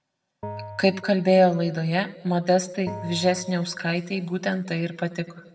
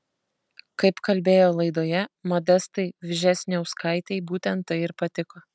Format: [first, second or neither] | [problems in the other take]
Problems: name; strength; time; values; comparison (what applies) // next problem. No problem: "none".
second | background sound (Bell); 18 dB below the speech // room echo; dies away in 1.2 s